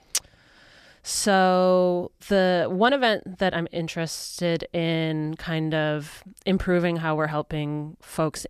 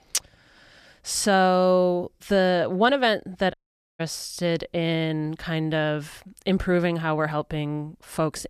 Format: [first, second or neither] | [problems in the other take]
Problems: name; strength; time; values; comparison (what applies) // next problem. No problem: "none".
first | audio cutting out; at 3.5 s